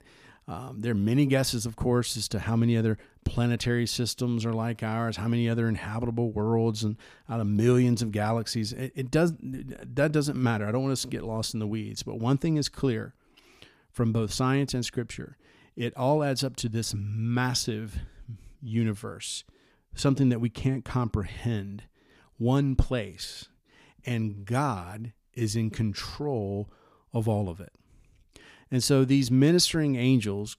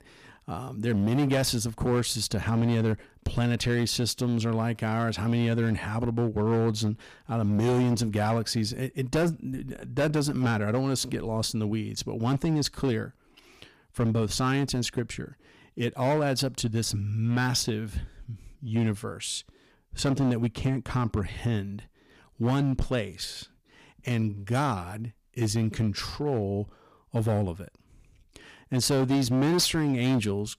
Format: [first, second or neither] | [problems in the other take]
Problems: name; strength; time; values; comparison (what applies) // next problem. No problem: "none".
first | distortion; slight; 9% of the sound clipped